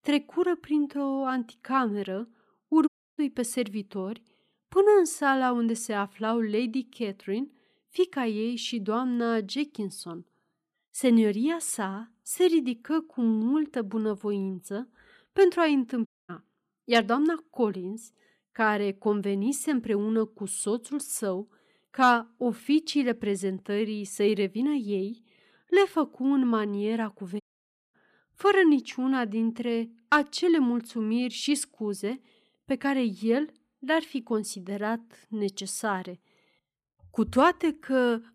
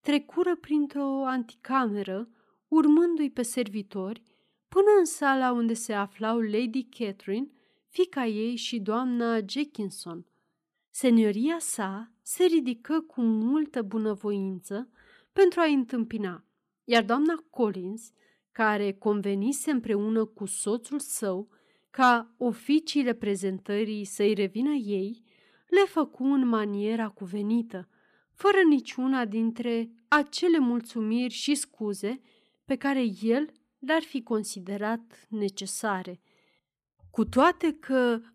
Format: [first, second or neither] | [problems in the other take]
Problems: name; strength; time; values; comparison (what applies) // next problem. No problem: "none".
second | audio cutting out; at 3 s, at 16 s and at 27 s for 0.5 s